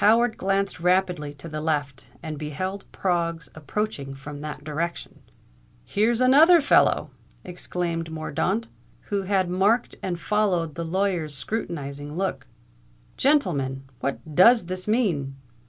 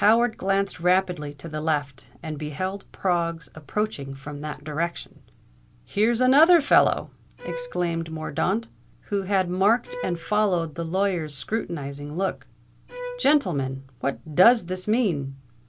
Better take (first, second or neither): first